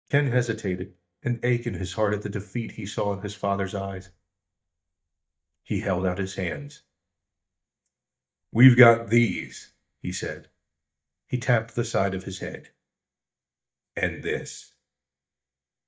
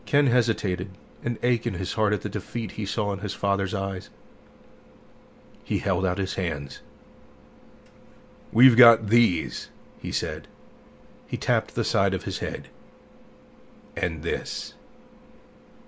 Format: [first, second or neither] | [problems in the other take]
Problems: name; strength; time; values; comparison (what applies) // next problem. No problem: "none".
second | noise reduction (neural mask model DeepFilterNet 3)